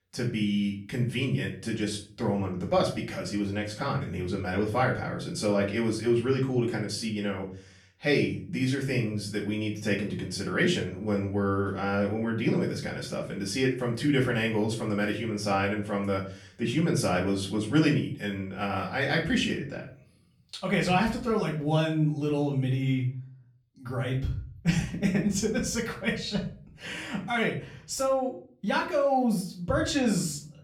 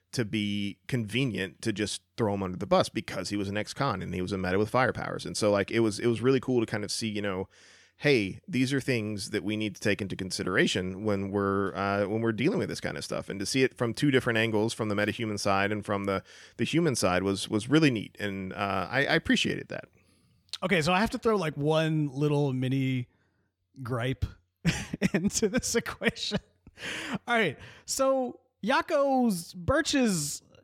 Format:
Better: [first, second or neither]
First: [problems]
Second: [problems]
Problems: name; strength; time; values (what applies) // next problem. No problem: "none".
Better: second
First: off-mic speech; far // room echo; slight; dies away in 0.4 s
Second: none